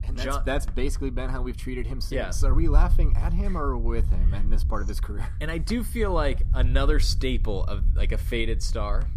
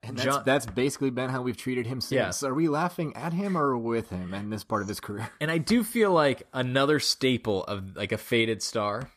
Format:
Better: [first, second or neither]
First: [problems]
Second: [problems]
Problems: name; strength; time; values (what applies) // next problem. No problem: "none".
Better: second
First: low rumble; noticeable; throughout; 15 dB below the speech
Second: none